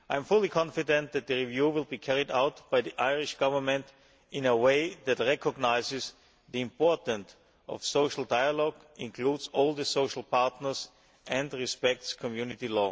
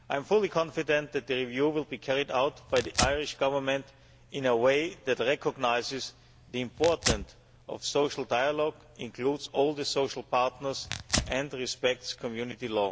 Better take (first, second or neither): first